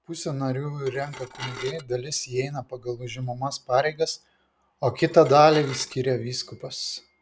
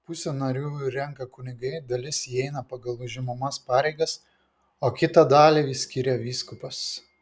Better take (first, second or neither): second